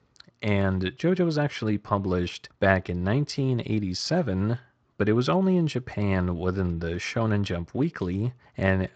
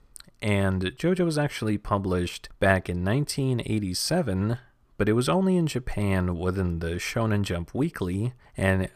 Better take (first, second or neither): second